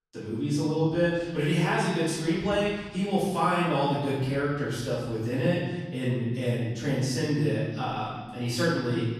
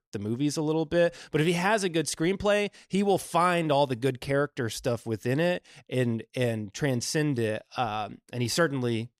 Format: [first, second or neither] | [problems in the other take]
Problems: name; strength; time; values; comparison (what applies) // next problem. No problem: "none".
second | off-mic speech; far // room echo; strong; dies away in 1.5 s